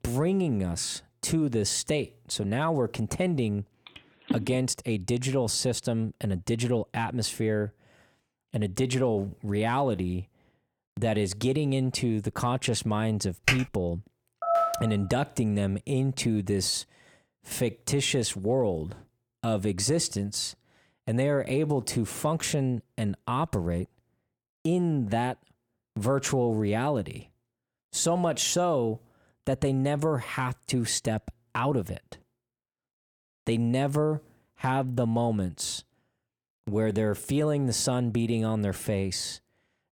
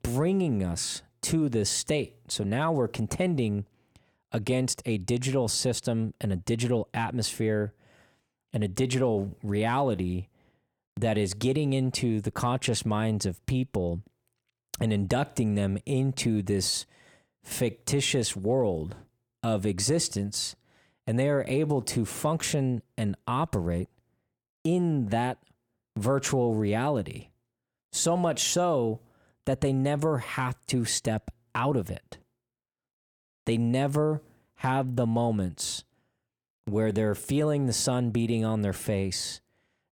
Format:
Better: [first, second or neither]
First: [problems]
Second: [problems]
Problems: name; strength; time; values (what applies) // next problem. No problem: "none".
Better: second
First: phone ringing; noticeable; at 4.5 s; peak 5 dB below the speech // keyboard typing; loud; at 13 s; peak 2 dB above the speech // phone ringing; loud; at 14 s; peak 2 dB above the speech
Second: none